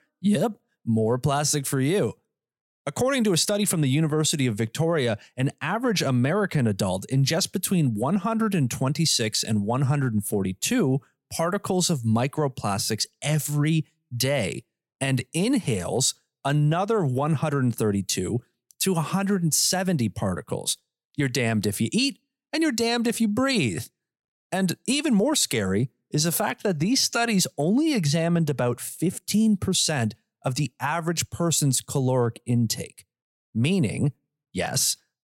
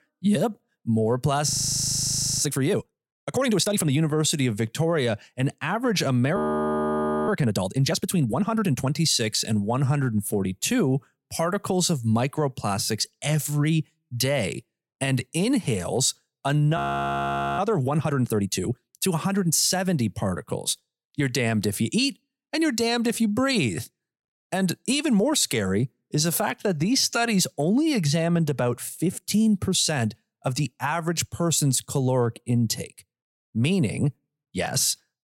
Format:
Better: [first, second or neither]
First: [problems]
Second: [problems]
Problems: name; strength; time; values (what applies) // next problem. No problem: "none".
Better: first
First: none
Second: audio freezing; at 1.5 s for 1 s, at 6.5 s for 1 s and at 17 s for 1 s